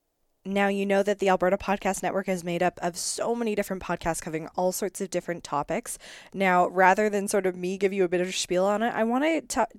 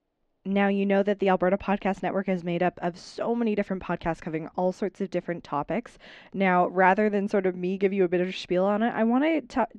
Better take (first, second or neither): first